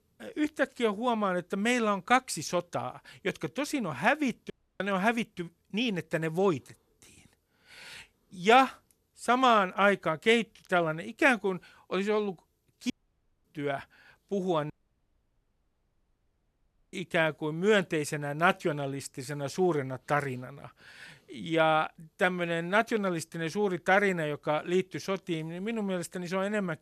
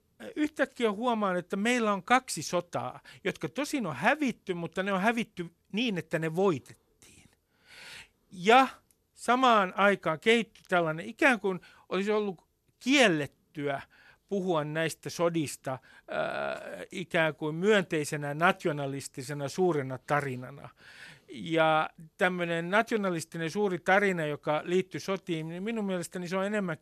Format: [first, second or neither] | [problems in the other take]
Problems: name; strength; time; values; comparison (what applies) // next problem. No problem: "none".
second | audio cutting out; at 4.5 s, at 13 s for 0.5 s and at 15 s for 2 s